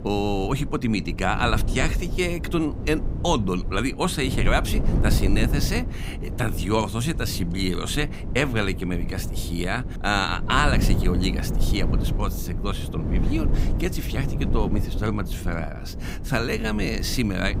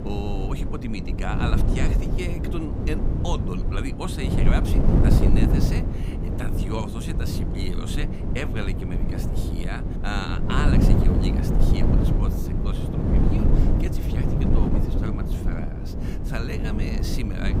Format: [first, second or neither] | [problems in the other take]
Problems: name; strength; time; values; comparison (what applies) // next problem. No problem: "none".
first | wind noise on the microphone; heavy; 1 dB above the speech; occasional gusts in the first